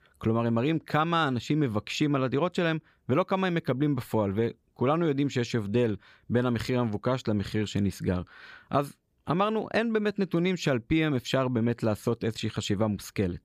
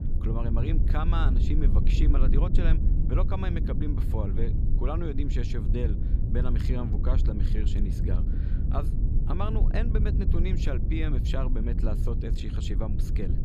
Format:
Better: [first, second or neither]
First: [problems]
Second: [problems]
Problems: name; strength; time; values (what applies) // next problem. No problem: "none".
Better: first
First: none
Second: low rumble; loud; throughout; 5 dB below the speech